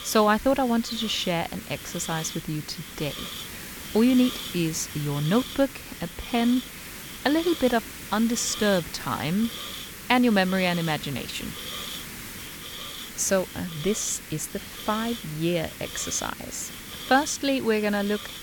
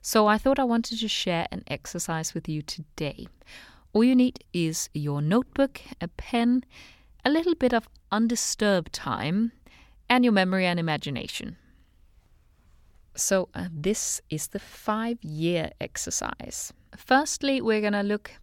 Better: second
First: hiss; loud; throughout; 10 dB below the speech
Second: none

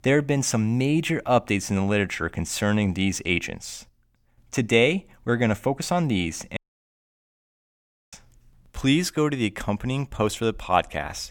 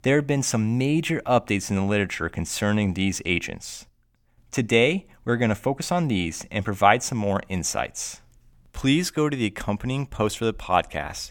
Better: second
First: audio cutting out; at 6.5 s for 1.5 s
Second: none

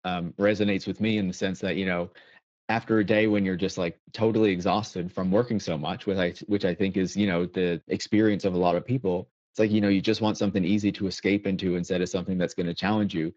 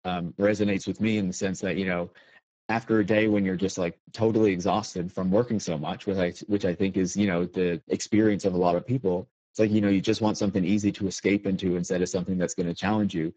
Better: first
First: garbled, watery; slightly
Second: garbled, watery; badly

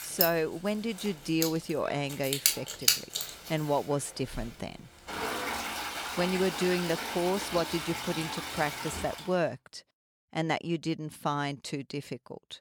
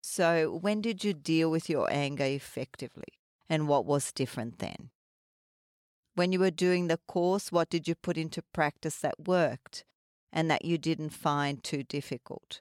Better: second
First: household noises; very loud; until 9 s; as loud as the speech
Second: none

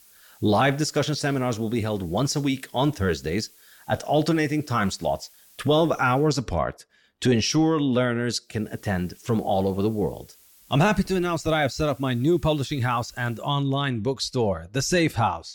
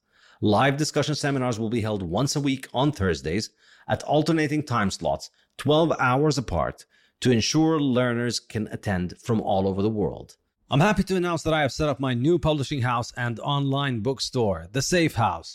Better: second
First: hiss; faint; until 6.5 s and from 8.5 to 13 s; 25 dB below the speech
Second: none

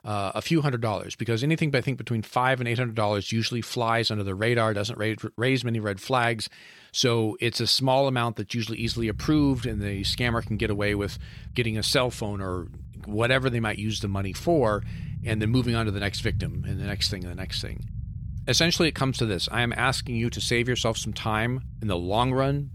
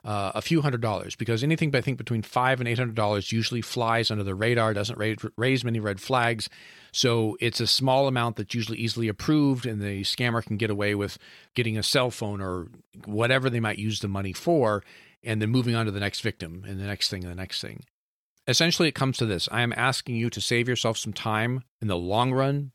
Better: second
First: low rumble; faint; from 9 s on; 25 dB below the speech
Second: none

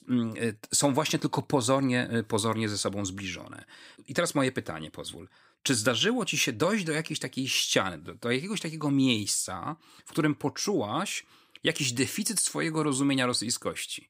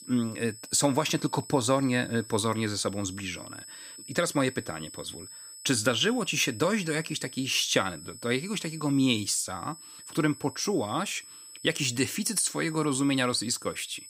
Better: first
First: none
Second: high-pitched whine; noticeable; throughout; 8 kHz, 15 dB below the speech

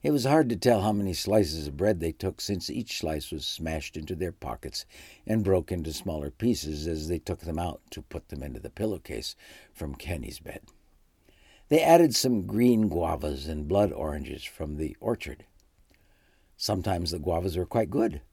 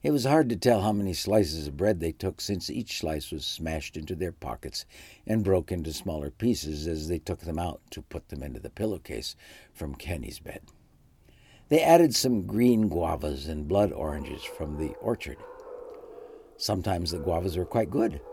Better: first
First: none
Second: animal sounds; faint; throughout; 20 dB below the speech

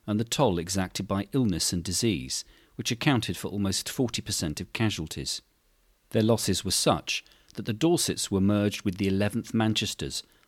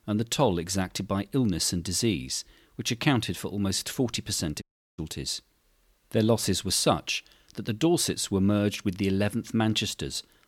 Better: first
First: none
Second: audio cutting out; at 4.5 s

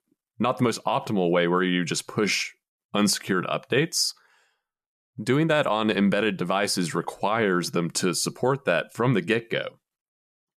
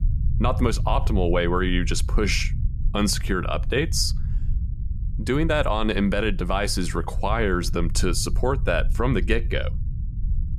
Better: first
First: none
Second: low rumble; noticeable; throughout; 20 dB below the speech

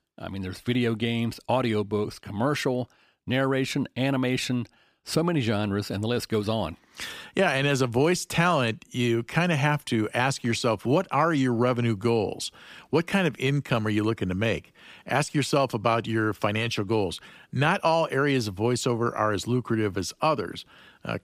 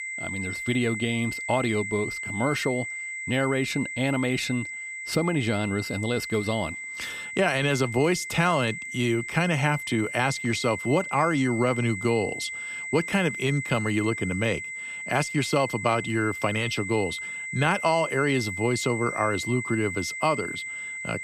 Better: first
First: none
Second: high-pitched whine; loud; throughout; 2 kHz, 6 dB below the speech

